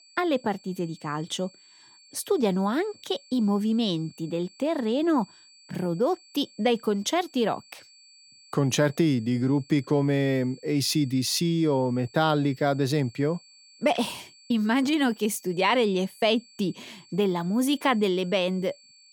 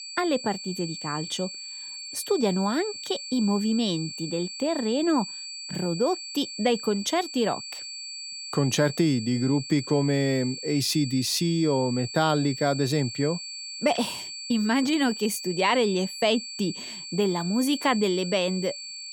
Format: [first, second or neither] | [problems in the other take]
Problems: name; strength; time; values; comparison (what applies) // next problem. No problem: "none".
first | high-pitched whine; loud; throughout; 4.5 kHz, 9 dB below the speech; faint in the first